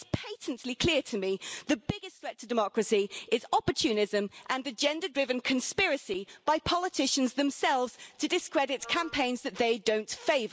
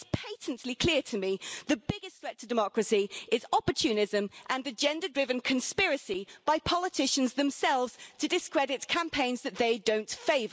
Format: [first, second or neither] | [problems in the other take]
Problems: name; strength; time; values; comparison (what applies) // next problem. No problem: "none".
second | background sound (Wind instrument, woodwind instrument); 19 dB below the speech